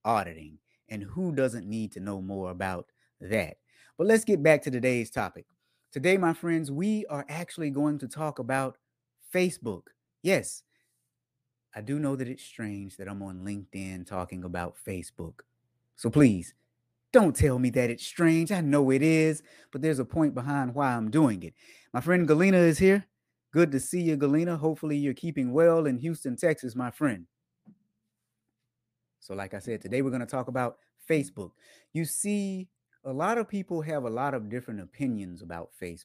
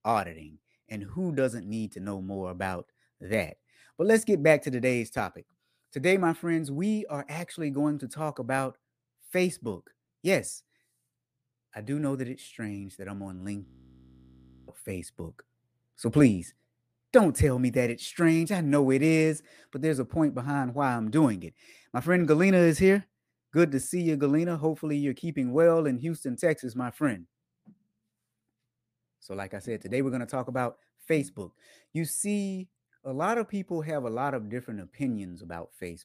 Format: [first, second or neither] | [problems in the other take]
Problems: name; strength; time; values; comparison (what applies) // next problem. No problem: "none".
first | audio freezing; at 14 s for 1 s